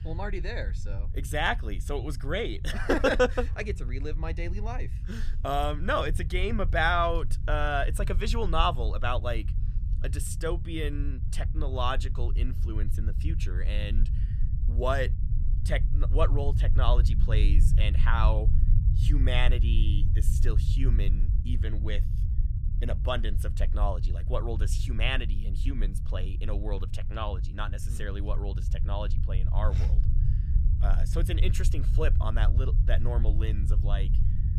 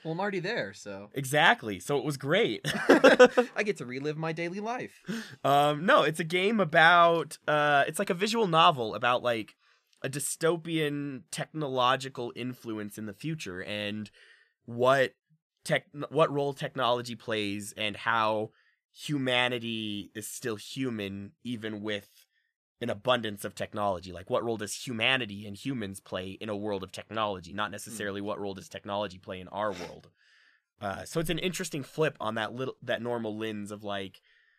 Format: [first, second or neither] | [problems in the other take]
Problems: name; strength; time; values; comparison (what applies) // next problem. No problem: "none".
second | low rumble; noticeable; throughout; 15 dB below the speech